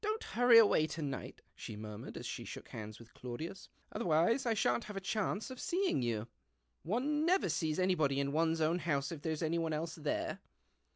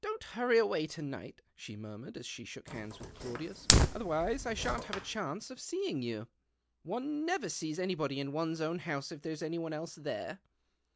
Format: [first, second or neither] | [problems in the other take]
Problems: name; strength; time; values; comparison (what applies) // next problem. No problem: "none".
first | background sound (Fire); 4 dB above the speech